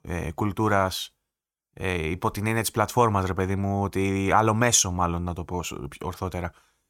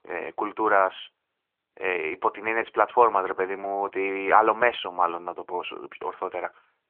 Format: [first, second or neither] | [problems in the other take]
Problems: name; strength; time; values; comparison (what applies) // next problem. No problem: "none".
first | phone-call audio; nothing above 3.5 kHz